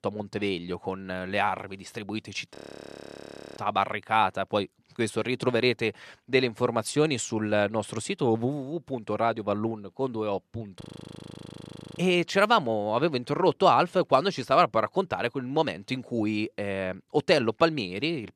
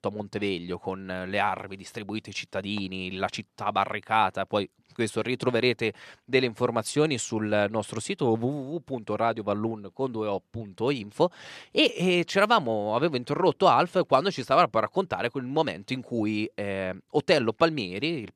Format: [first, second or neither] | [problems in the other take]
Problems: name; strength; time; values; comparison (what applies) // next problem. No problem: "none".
second | audio freezing; at 2.5 s for 1 s and at 11 s for 1 s